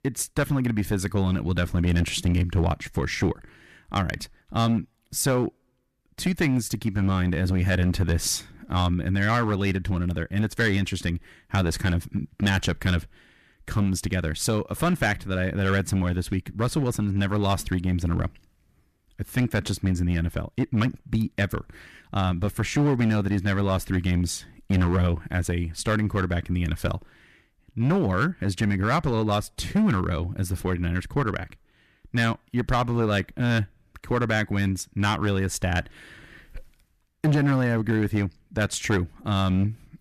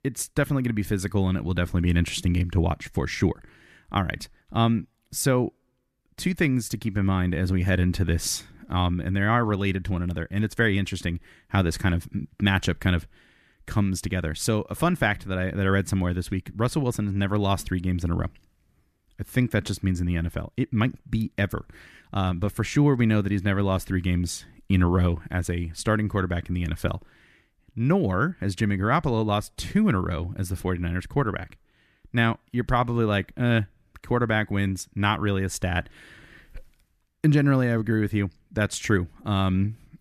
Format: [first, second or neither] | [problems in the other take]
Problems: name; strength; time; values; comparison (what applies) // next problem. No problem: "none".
second | distortion; slight; 6% of the sound clipped